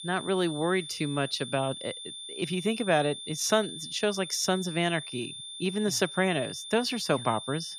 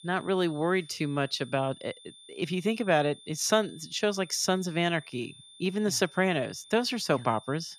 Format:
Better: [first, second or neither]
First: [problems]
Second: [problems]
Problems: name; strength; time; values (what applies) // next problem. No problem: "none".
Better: second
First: high-pitched whine; loud; throughout; 3.5 kHz, 9 dB below the speech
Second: high-pitched whine; faint; throughout; 3.5 kHz, 20 dB below the speech